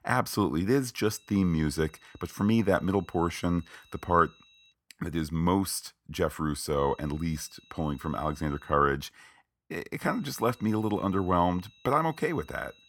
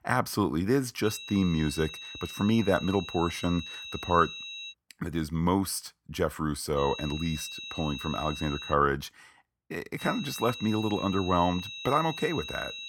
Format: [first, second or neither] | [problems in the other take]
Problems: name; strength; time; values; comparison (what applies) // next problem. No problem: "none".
first | high-pitched whine; loud; from 1 to 4.5 s, from 7 to 8.5 s and from 10 s on; 4 kHz, 10 dB below the speech; faint in the first